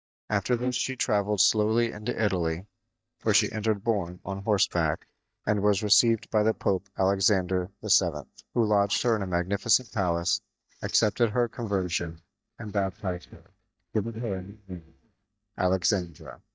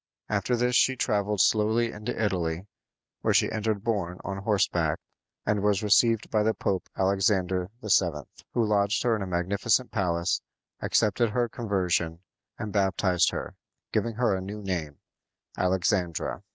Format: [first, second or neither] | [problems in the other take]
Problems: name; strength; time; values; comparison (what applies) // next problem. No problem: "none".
second | noise reduction (neural mask model DeepFilterNet 3)